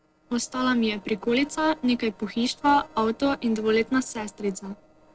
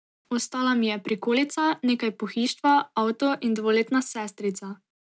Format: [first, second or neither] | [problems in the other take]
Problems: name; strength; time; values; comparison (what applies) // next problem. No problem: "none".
second | noise reduction (neural separator model SepFormer DNS4)